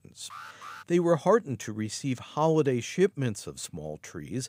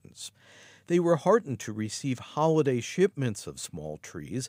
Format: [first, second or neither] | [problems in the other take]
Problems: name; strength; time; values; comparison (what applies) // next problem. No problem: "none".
second | alarm; faint; at 0.5 s; peak 15 dB below the speech